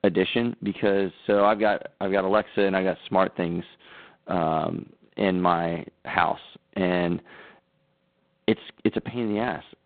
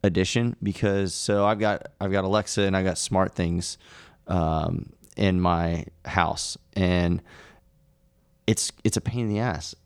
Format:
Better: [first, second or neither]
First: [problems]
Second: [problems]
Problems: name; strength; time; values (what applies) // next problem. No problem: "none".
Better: second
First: phone-call audio; poor line; nothing above 4 kHz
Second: none